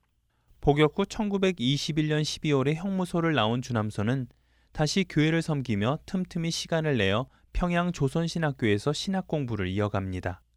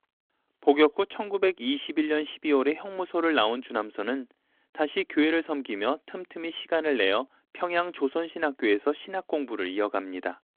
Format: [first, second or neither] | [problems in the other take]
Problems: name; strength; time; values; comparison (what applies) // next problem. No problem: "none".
first | phone-call audio; nothing above 3.5 kHz